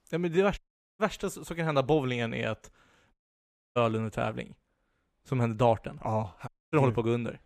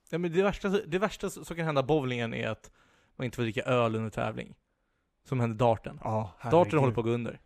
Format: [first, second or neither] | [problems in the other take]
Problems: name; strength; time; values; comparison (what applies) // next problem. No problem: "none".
second | audio cutting out; at 0.5 s, at 3 s for 0.5 s and at 6.5 s